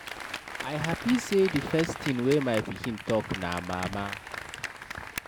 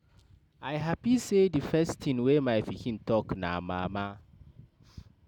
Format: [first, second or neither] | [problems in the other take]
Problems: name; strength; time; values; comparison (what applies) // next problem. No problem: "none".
second | background sound (Applause); 8 dB below the speech